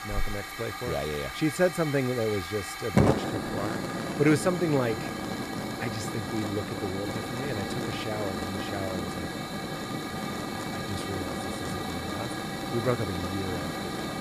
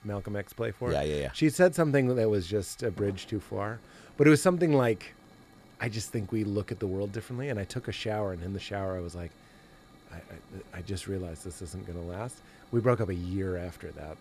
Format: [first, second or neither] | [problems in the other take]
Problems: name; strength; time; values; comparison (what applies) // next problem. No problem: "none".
second | hiss; loud; throughout; 1 dB below the speech; faint in the second